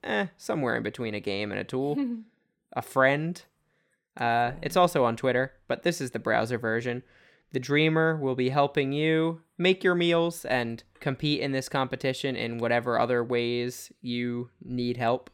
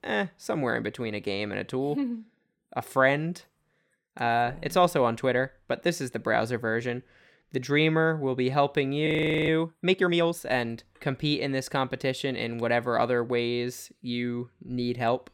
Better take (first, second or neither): first